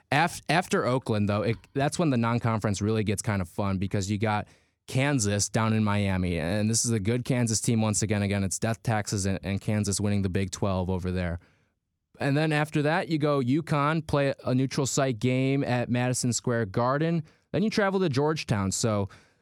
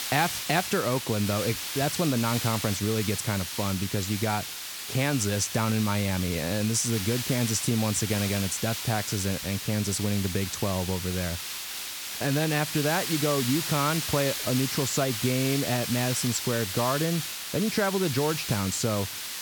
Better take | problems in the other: first | hiss; loud; throughout; 4 dB below the speech

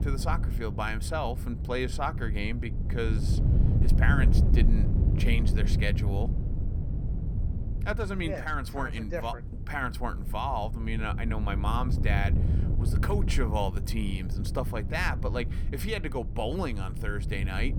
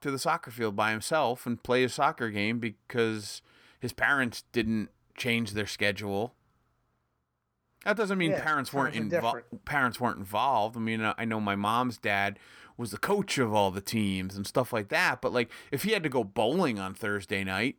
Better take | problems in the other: second | wind noise on the microphone; heavy; 10 dB below the speech

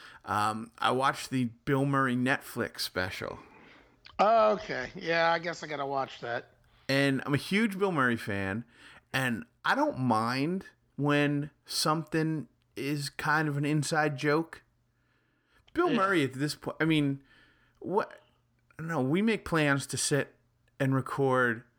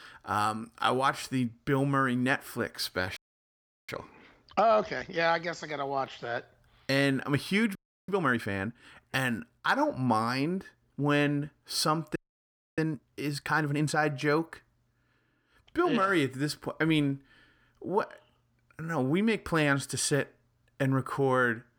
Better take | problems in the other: first | audio freezing; at 3 s for 0.5 s, at 8 s and at 12 s for 0.5 s

